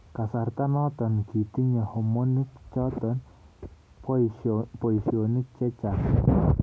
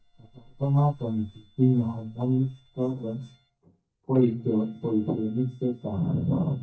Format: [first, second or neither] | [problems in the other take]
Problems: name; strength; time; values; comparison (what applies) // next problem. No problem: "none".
first | noise reduction (neural mask model DeepFilterNet 3)